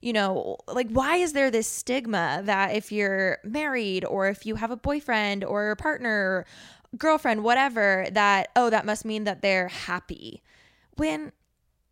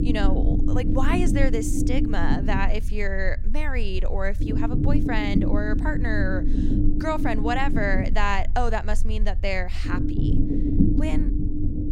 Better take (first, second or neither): first